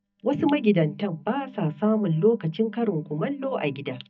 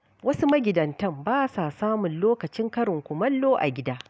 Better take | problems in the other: second | noise reduction (neural mask model DeepFilterNet 3)

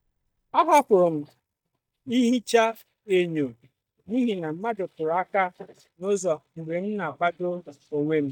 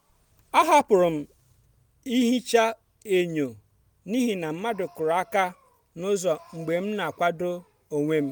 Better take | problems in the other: second | noise reduction (neural mask model DeepFilterNet 3)

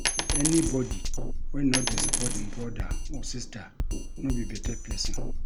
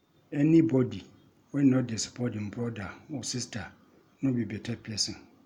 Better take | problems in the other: second | background sound (Drum kit + Coin (dropping)); 4 dB above the speech

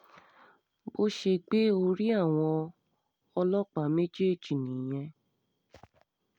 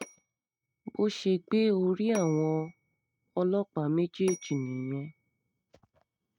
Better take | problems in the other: first | noise reduction (neural mask model RNNoise)

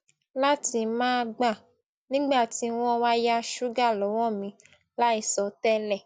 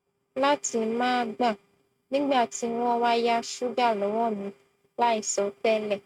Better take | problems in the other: first | noise reduction (neural mask model RNNoise)

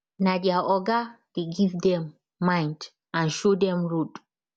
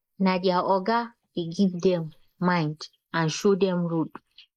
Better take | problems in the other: first | noise reduction (neural mask model Resemble Enhance denoiser)

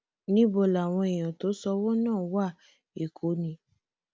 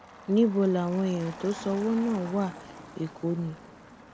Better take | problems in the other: first | background sound (Motor vehicle (road)); 16 dB below the speech

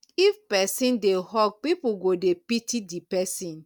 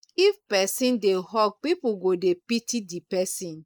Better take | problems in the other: first | noise reduction (neural mask model Resemble Enhance denoiser)

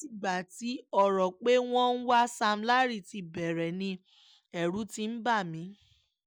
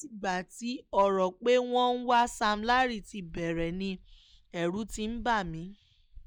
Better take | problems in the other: first | noise reduction (neural mask model DeepFilterNet 3)

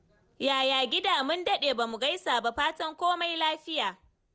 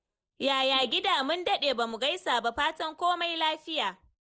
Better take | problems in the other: first | noise reduction (neural mask model Resemble Enhance denoiser)

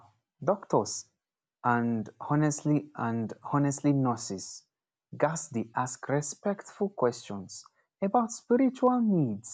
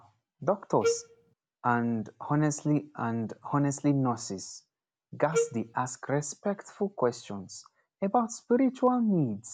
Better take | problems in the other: first | background sound (Wind instrument, woodwind instrument); 1 dB below the speech

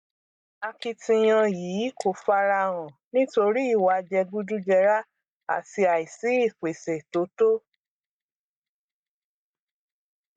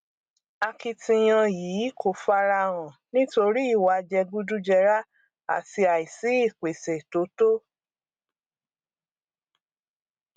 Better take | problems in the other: second | noise reduction (neural mask model DeepFilterNet 3)

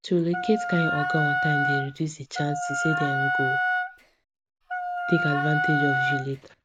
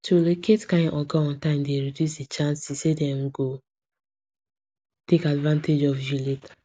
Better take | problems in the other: second | background sound (Wind instrument, woodwind instrument); 1 dB above the speech

